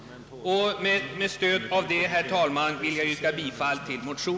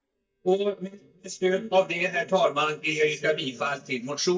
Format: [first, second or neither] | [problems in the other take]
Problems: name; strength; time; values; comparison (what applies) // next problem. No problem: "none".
first | noise reduction (neural mask model DeepFilterNet 3)